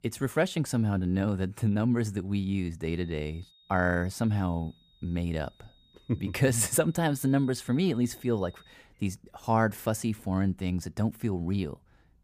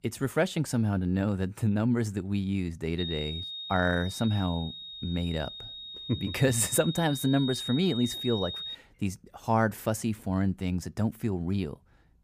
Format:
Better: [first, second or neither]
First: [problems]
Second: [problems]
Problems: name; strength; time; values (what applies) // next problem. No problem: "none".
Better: first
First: high-pitched whine; faint; from 3 to 9 s; 3.5 kHz, 30 dB below the speech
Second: high-pitched whine; loud; from 3 to 9 s; 3.5 kHz, 8 dB below the speech